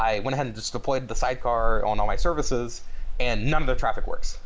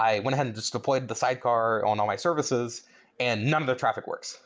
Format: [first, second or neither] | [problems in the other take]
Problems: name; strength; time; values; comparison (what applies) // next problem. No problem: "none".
second | background sound (Fire); 3 dB above the speech